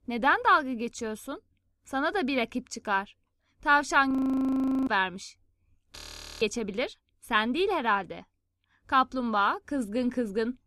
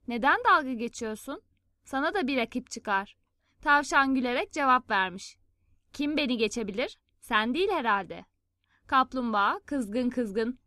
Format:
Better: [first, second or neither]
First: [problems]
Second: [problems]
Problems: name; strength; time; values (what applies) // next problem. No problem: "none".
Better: second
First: audio freezing; at 4 s for 1 s and at 6 s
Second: none